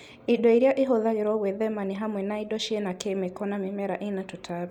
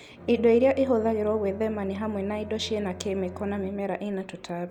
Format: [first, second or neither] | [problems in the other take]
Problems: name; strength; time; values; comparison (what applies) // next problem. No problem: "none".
first | background sound (Bowed string instrument); 17 dB below the speech